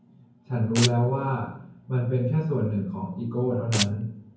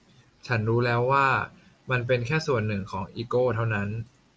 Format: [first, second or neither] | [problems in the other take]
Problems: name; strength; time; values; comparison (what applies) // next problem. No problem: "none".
second | background sound (Domestic sounds, home sounds); 5 dB below the speech // room echo; dies away in 0.9 s